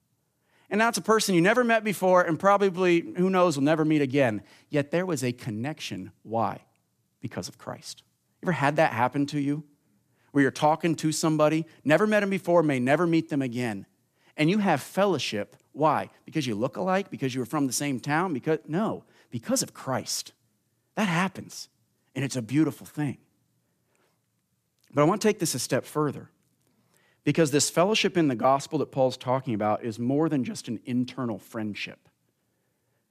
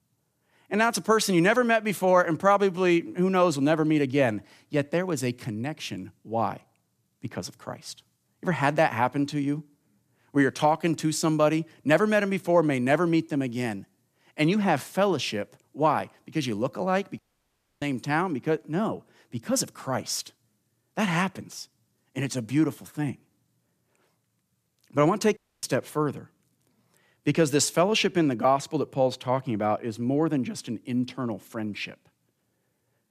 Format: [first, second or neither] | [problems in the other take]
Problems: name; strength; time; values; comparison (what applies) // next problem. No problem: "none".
first | audio cutting out; at 17 s for 0.5 s and at 25 s